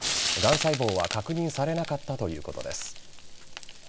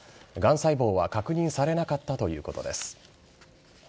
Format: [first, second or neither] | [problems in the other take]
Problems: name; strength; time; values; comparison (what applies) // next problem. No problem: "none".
second | background sound (Frying (food)); 4 dB below the speech